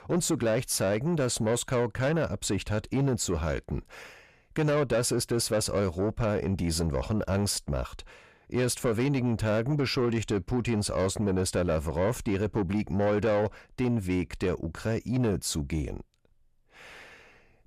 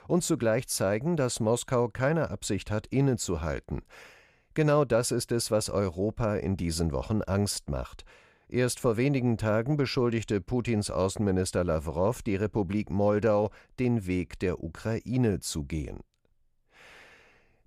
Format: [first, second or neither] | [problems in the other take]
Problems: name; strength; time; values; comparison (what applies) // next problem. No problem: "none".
second | distortion; slight; 10 dB below the speech